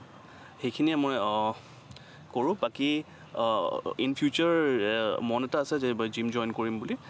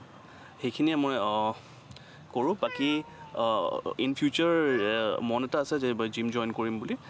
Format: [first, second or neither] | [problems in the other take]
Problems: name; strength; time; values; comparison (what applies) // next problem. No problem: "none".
first | background sound (Cat); 17 dB below the speech